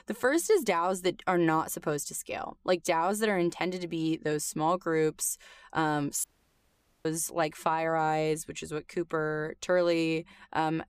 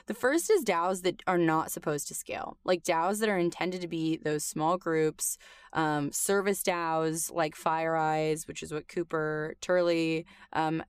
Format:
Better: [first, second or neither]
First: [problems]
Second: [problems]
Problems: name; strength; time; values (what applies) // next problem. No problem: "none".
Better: second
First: audio cutting out; at 6 s for 1 s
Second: none